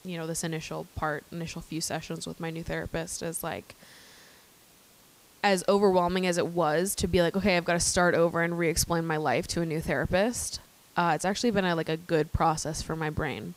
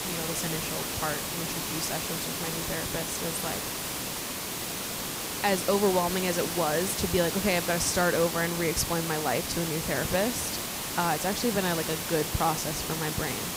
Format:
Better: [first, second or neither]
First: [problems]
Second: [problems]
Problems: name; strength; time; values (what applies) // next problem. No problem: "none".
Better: first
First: hiss; faint; throughout; 25 dB below the speech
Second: hiss; loud; throughout; 1 dB below the speech